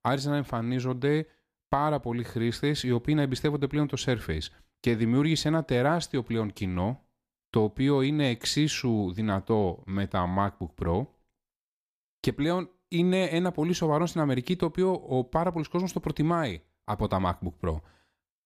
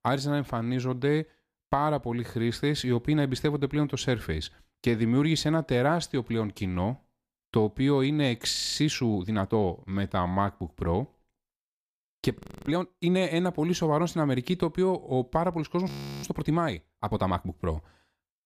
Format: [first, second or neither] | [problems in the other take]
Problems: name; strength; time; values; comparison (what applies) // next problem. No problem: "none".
first | audio freezing; at 8.5 s, at 12 s and at 16 s